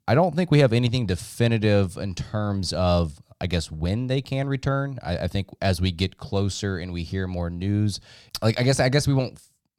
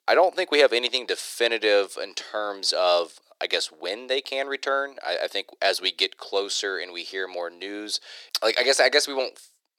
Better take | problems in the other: first | thin; very; fading below 350 Hz

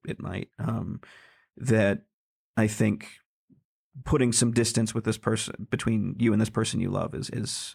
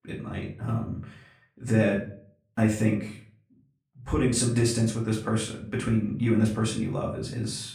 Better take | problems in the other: first | off-mic speech; far // room echo; slight; dies away in 0.4 s

